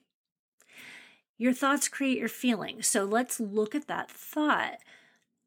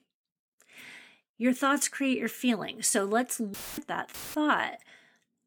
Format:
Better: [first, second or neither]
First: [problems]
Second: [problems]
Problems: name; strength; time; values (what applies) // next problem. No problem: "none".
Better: first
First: none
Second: audio cutting out; filled with static; at 3.5 s and at 4 s